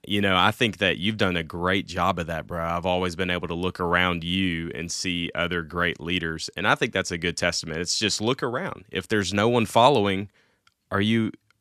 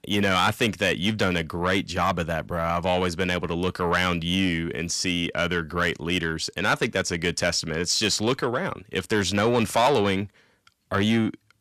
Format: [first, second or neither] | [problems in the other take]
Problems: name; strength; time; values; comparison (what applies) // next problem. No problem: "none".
first | distortion; slight; 10 dB below the speech